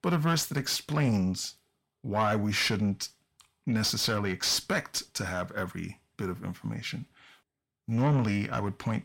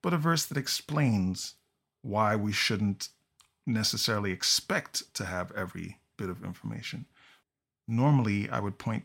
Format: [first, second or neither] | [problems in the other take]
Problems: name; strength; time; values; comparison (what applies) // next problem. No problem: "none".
second | distortion; slight; 10 dB below the speech